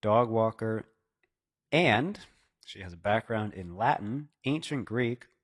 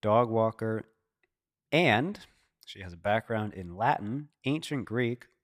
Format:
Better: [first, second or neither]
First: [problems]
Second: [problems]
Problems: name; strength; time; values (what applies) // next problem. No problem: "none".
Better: second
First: garbled, watery; slightly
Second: none